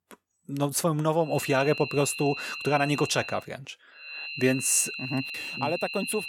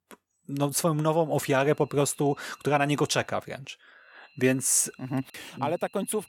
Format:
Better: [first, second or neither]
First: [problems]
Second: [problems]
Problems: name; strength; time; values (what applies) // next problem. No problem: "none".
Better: second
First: high-pitched whine; loud; from 1.5 to 3.5 s and from 4 s on; 3 kHz, 8 dB below the speech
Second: high-pitched whine; faint; from 1.5 to 3.5 s and from 4 s on; 3 kHz, 30 dB below the speech